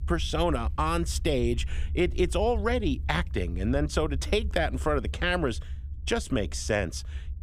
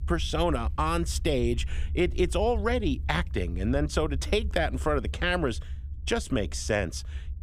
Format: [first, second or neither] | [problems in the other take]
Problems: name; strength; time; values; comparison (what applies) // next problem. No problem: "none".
neither | low rumble; faint; throughout; 25 dB below the speech; the same in both